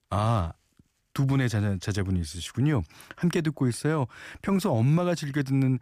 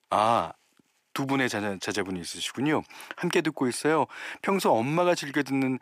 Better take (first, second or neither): first